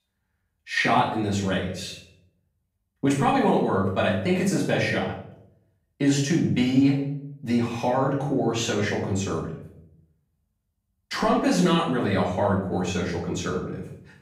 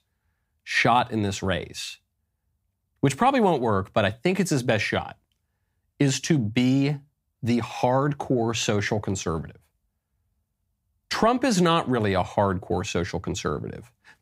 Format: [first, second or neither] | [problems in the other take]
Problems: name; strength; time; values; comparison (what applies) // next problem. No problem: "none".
second | room echo; noticeable; dies away in 0.6 s // off-mic speech; far